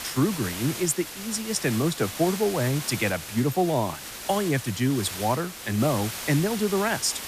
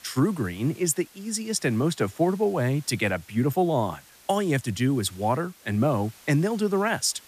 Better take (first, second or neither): second